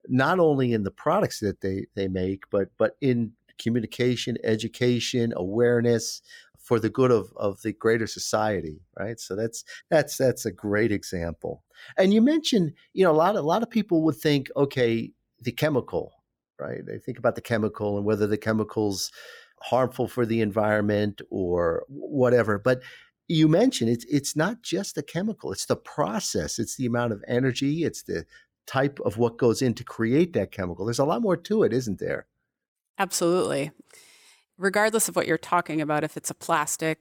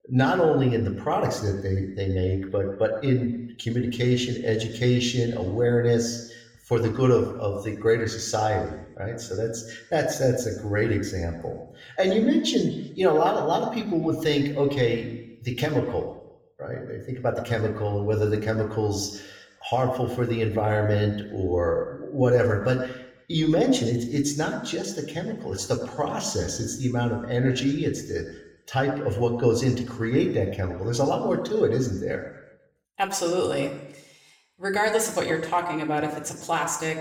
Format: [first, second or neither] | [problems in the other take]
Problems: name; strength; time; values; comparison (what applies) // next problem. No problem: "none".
first | room echo; slight; dies away in 0.8 s // off-mic speech; somewhat distant